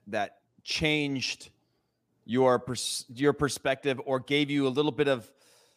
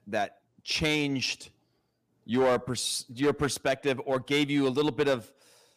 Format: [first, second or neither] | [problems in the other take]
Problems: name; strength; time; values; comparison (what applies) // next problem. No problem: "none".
first | distortion; slight; 4% of the sound clipped